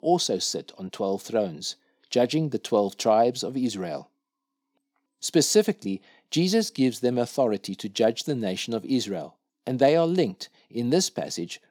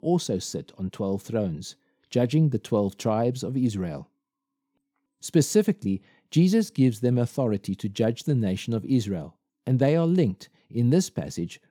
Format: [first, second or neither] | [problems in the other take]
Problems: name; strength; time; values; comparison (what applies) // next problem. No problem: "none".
second | thin; somewhat; fading below 300 Hz